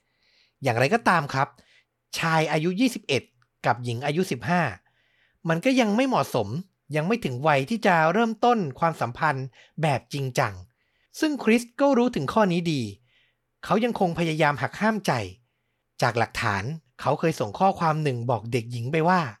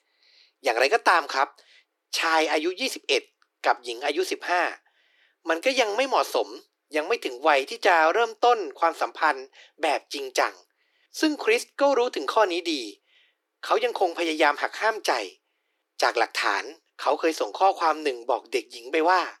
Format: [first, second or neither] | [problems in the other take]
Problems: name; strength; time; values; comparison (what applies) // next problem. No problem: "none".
first | thin; very; fading below 300 Hz